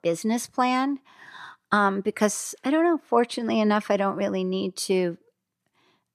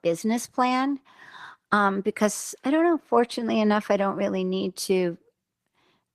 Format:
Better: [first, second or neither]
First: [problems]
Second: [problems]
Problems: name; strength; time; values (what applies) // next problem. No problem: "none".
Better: first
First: none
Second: garbled, watery; slightly; nothing above 14.5 kHz